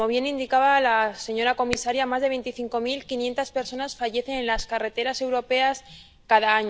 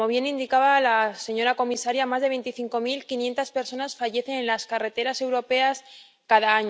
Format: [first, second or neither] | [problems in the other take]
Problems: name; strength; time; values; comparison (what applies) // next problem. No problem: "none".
second | background sound (Hands); 20 dB below the speech